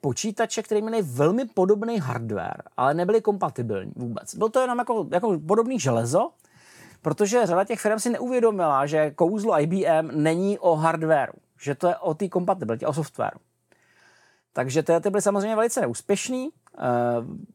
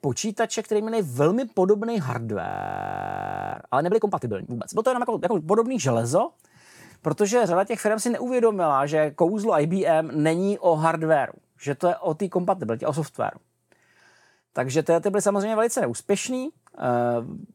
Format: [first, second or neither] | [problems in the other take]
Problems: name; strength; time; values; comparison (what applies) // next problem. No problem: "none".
first | audio freezing; at 2.5 s for 1 s